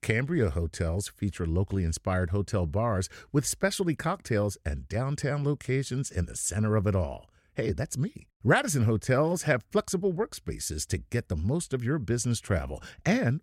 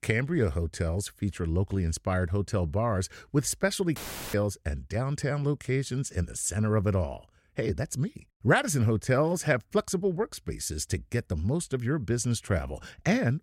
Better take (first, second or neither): first